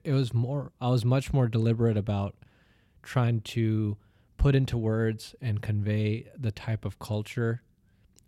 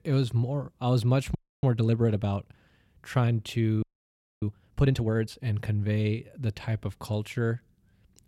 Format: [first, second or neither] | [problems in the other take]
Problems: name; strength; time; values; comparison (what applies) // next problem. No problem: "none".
first | audio freezing; at 1.5 s and at 4 s for 0.5 s